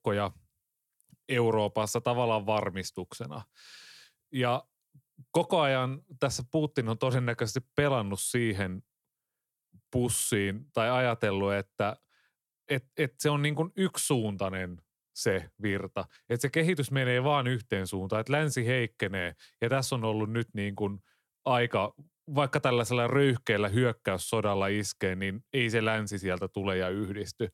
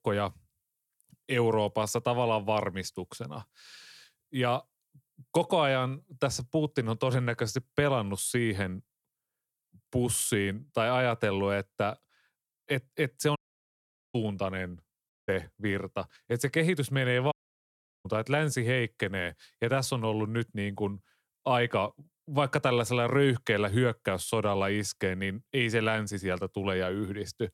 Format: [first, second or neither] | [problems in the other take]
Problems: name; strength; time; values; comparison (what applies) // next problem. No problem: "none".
first | audio cutting out; at 13 s for 1 s, at 15 s and at 17 s for 0.5 s